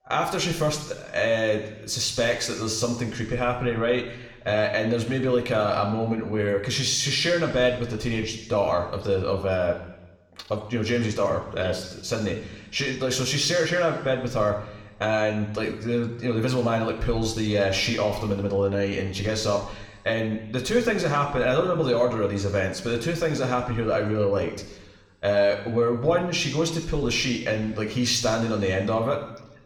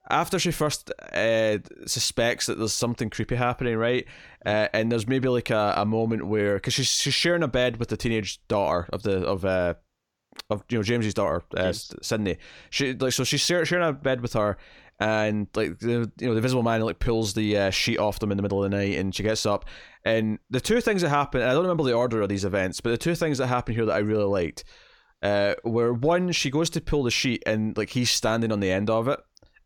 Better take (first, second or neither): second